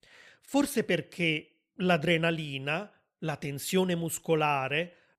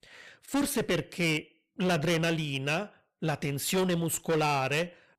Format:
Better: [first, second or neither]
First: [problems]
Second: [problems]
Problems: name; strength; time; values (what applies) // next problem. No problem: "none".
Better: first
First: none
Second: distortion; heavy; 15% of the sound clipped